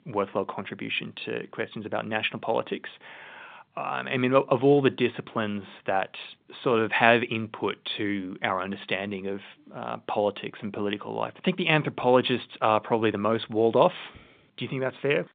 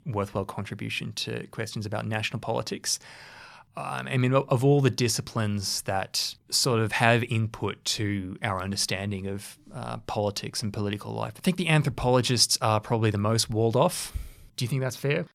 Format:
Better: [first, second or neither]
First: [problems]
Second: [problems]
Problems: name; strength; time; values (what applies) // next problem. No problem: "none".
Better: second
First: phone-call audio; nothing above 3.5 kHz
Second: none